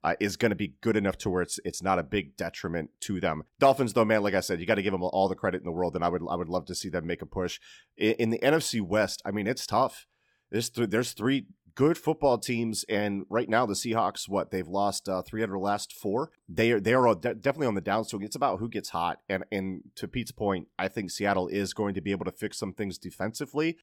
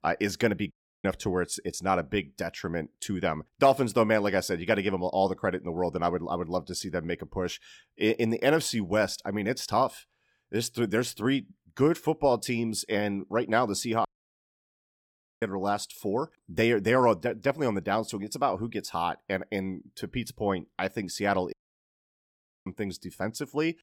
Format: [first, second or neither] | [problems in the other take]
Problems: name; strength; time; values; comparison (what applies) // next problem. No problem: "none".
first | audio cutting out; at 0.5 s, at 14 s for 1.5 s and at 22 s for 1 s